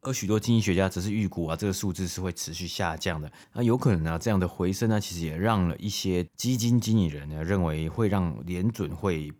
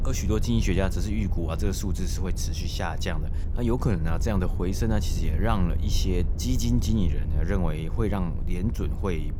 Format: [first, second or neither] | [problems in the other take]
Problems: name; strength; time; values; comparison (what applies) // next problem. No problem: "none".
first | low rumble; noticeable; throughout; 15 dB below the speech